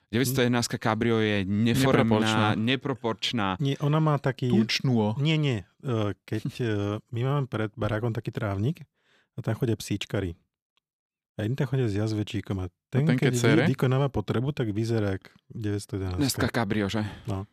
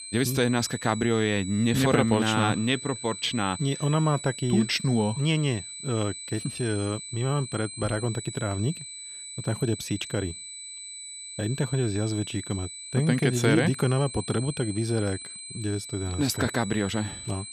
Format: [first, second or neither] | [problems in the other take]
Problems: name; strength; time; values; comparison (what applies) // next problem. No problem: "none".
first | high-pitched whine; noticeable; throughout; 8 kHz, 10 dB below the speech